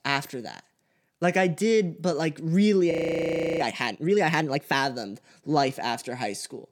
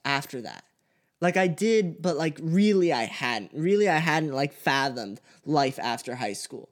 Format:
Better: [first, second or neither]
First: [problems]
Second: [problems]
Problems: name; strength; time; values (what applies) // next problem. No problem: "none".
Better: second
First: audio freezing; at 3 s for 0.5 s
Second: none